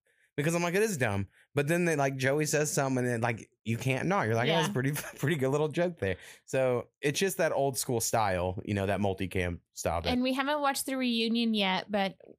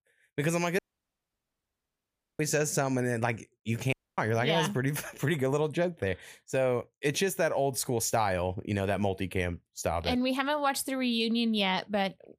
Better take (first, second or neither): first